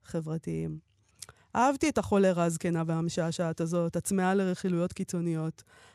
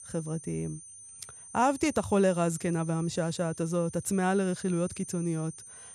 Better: first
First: none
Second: high-pitched whine; noticeable; throughout; 9 kHz, 15 dB below the speech

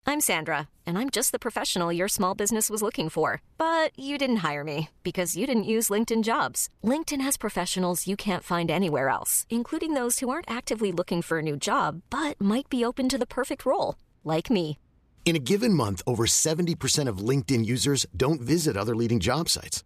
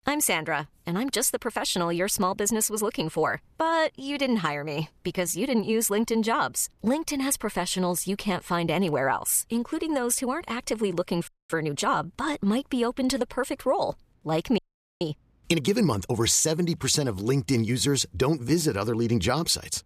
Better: first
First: none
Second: audio freezing; at 11 s and at 15 s

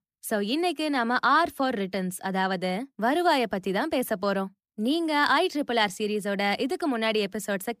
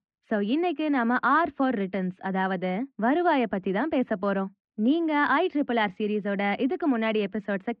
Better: first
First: none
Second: muffled; very; fading above 2.5 kHz

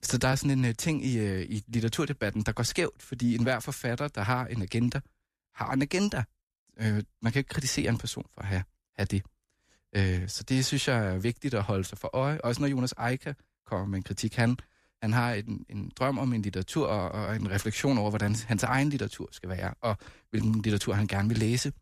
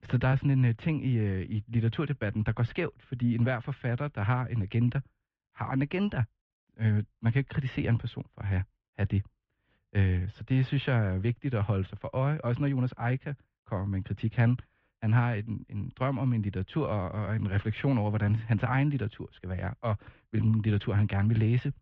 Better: first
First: none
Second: muffled; very; fading above 3 kHz

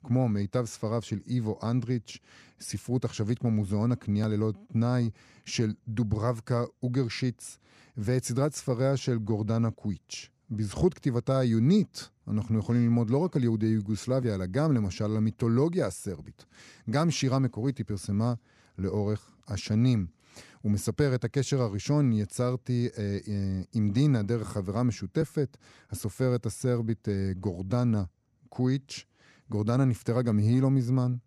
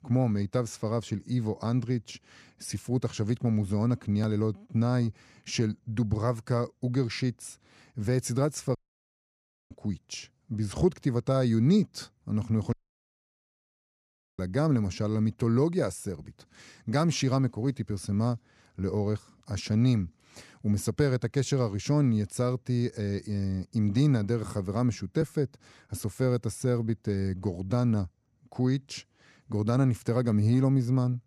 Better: first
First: none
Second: audio cutting out; at 9 s for 1 s and at 13 s for 1.5 s

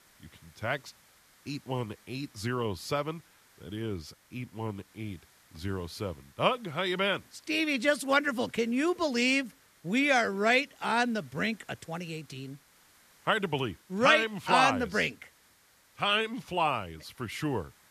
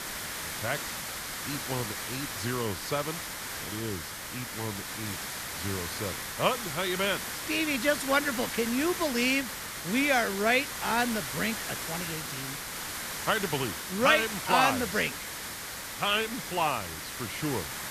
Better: first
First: hiss; faint; throughout; 30 dB below the speech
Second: hiss; loud; throughout; 5 dB below the speech

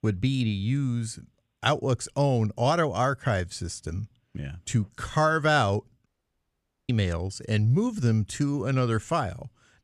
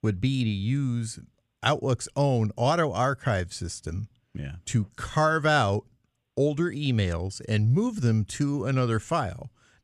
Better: second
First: audio cutting out; at 6 s for 1 s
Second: none

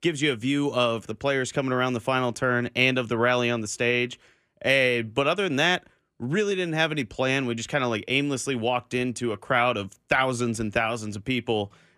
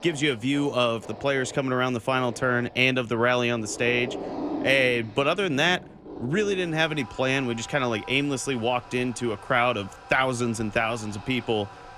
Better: first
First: none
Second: household noises; noticeable; throughout; 15 dB below the speech

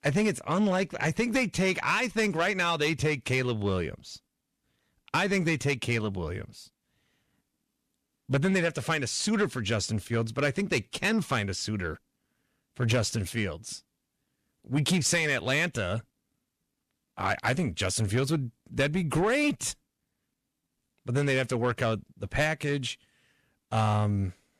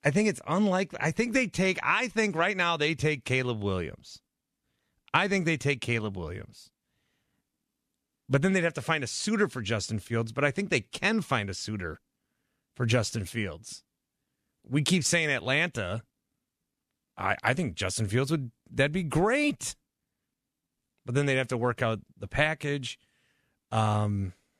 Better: second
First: distortion; slight; 10 dB below the speech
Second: none

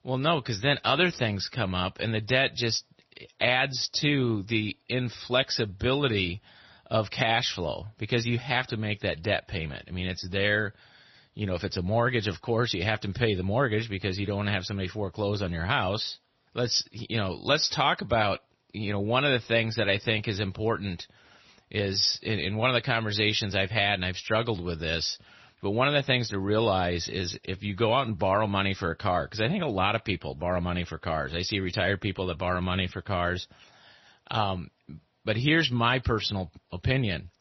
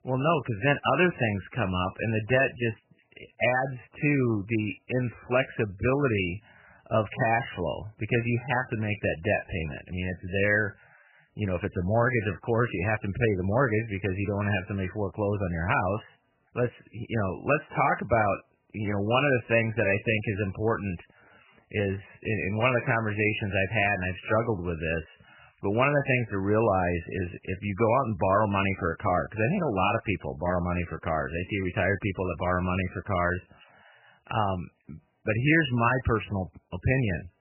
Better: first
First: garbled, watery; slightly; nothing above 6 kHz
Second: garbled, watery; badly; nothing above 3 kHz

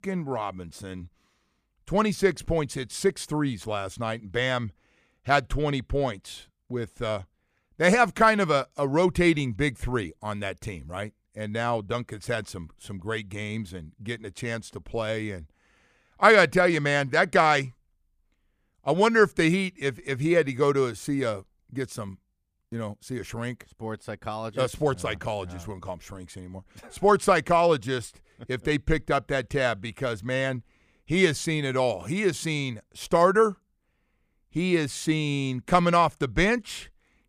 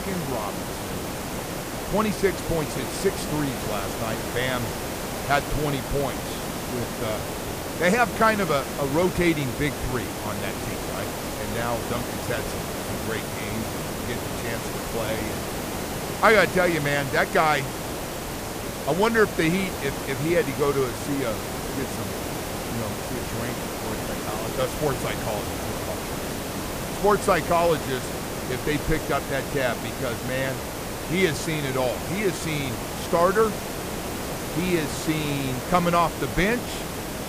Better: first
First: none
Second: hiss; loud; throughout; 4 dB below the speech

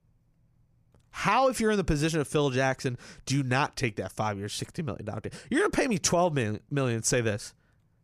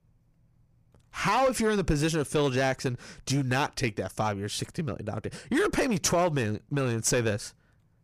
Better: first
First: none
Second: distortion; slight; 5% of the sound clipped

